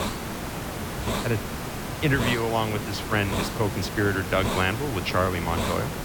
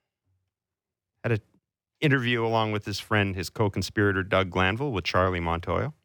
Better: second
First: hiss; loud; throughout; 4 dB below the speech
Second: none

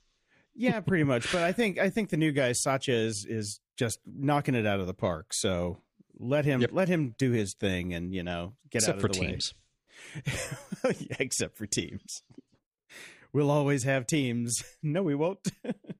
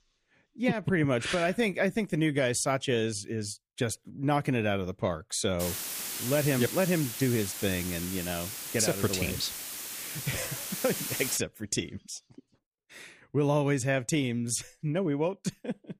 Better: first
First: none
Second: hiss; loud; from 5.5 to 11 s; 5 dB below the speech

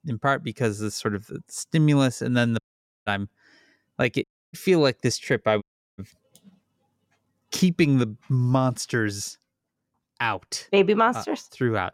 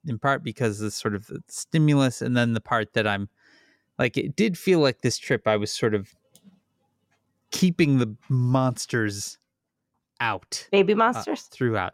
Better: second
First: audio cutting out; at 2.5 s, at 4 s and at 5.5 s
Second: none

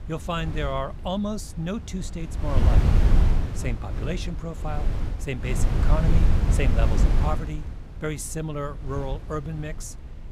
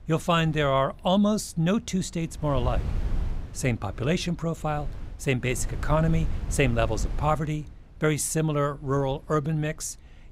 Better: second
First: wind noise on the microphone; heavy; 4 dB below the speech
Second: wind noise on the microphone; occasional gusts; 20 dB below the speech

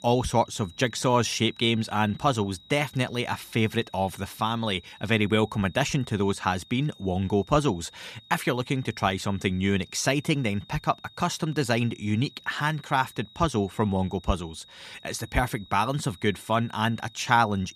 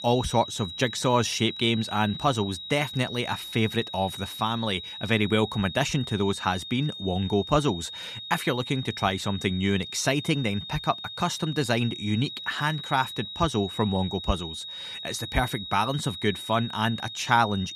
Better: first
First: high-pitched whine; faint; throughout; 4 kHz, 25 dB below the speech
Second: high-pitched whine; loud; throughout; 4 kHz, 9 dB below the speech

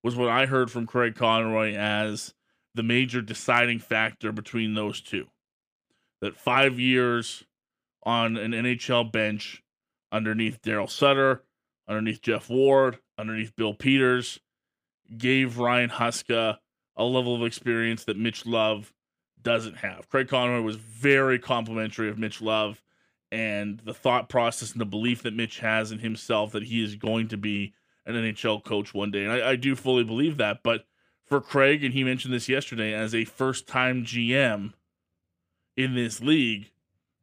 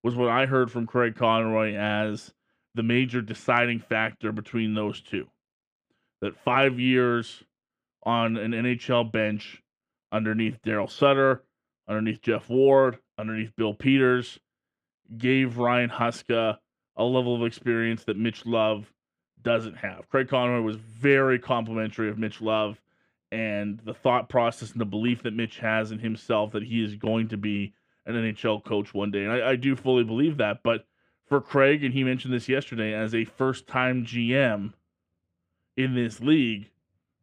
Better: first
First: none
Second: muffled; slightly; fading above 2 kHz

